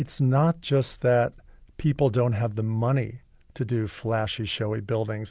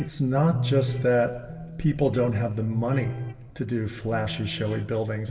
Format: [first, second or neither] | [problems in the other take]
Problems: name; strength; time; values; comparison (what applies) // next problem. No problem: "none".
first | background sound (Electric guitar); 9 dB below the speech // room echo; dies away in 2.2 s